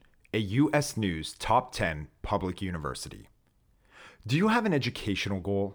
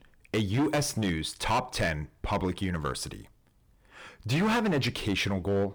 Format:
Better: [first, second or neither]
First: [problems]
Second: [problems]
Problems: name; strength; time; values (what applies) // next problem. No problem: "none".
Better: first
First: none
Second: distortion; heavy; 10% of the sound clipped